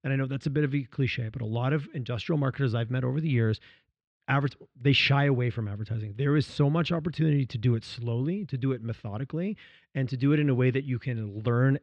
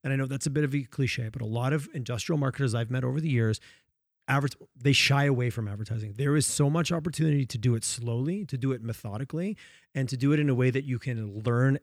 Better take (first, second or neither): second